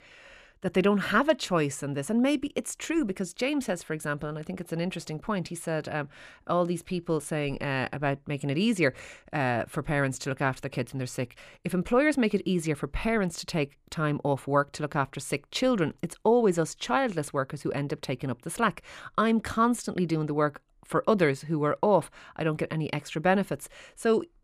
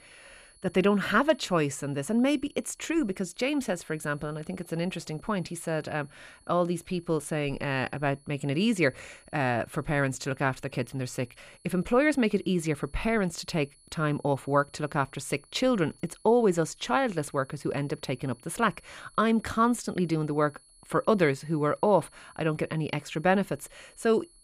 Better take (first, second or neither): first